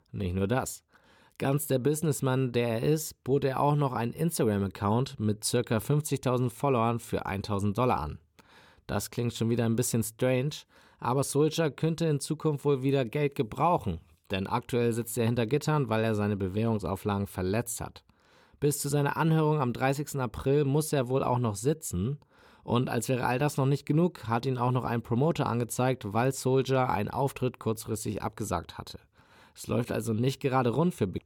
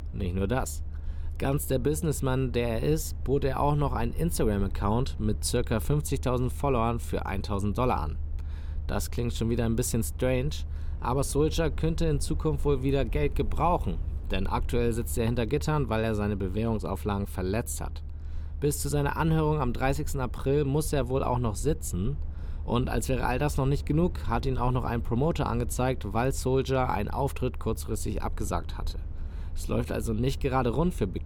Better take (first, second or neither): first